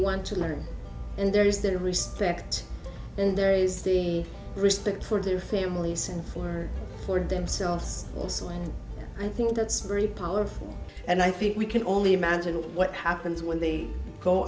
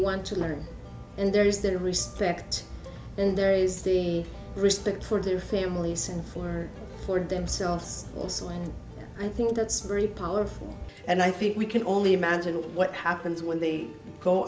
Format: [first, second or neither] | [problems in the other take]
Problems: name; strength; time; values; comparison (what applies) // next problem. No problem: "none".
second | background sound (Accelerating, revving, vroom); 12 dB below the speech